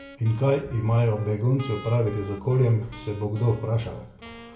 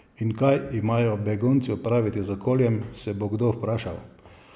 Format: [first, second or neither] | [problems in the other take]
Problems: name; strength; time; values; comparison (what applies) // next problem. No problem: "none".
second | background sound (Wind instrument, woodwind instrument); 19 dB below the speech // room echo; dies away in 0.3 s